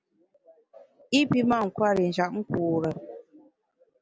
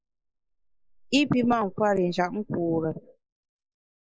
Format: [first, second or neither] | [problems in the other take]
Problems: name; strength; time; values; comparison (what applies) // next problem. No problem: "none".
first | noise reduction (neural mask model Resemble Enhance denoiser)